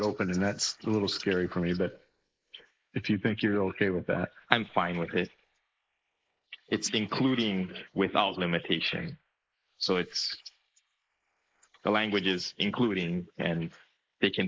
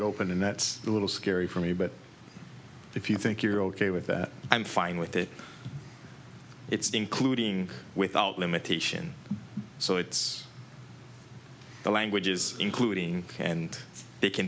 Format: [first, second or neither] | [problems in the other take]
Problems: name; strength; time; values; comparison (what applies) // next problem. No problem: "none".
second | noise reduction (neural mask model Resemble Enhance denoiser)